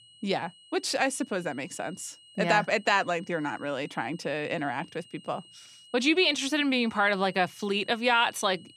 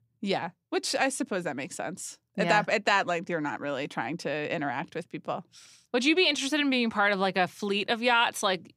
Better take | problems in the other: second | high-pitched whine; faint; throughout; 3 kHz, 25 dB below the speech

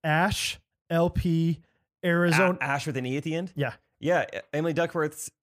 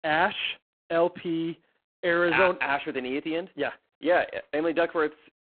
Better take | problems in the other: first | phone-call audio; poor line

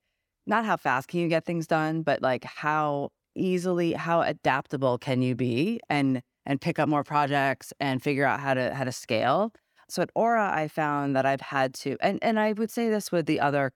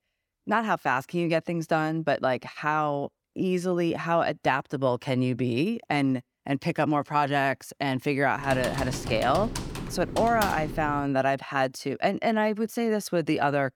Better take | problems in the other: first | keyboard typing; noticeable; from 8.5 to 11 s; peak 5 dB below the speech

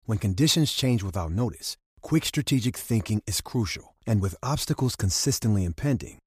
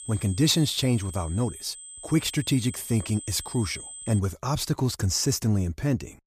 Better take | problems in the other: first | high-pitched whine; noticeable; until 4 s; 8 kHz, 15 dB below the speech

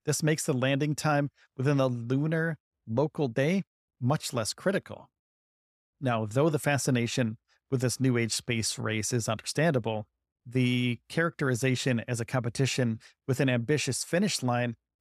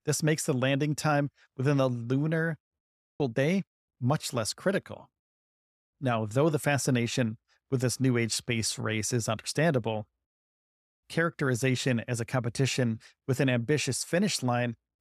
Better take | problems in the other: first | audio cutting out; at 3 s and at 10 s for 1 s

